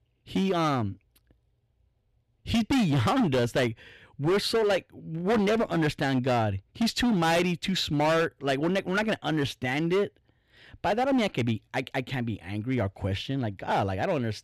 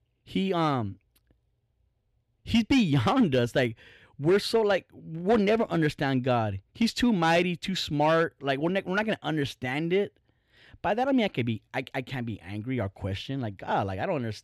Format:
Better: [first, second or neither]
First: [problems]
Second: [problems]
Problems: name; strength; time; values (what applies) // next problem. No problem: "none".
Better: second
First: distortion; slight; 12% of the sound clipped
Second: none